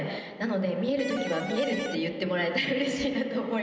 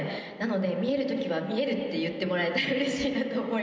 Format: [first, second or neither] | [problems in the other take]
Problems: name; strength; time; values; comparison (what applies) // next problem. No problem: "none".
second | background sound (Electric guitar); 8 dB below the speech